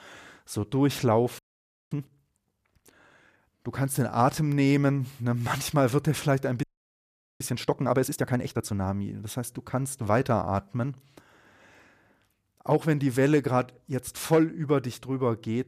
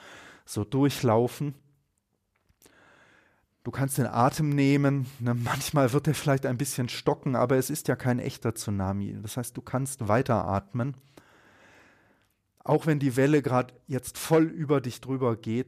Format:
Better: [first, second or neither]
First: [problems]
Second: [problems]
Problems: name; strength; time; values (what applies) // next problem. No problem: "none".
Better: second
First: audio freezing; at 1.5 s for 0.5 s and at 6.5 s for 1 s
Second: none